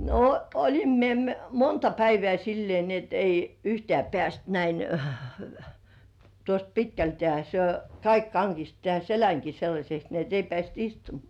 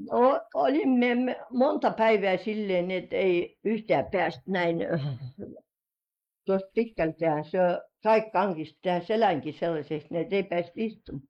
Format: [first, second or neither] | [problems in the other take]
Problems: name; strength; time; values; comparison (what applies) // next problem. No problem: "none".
first | noise reduction (neural mask model Resemble Enhance denoiser)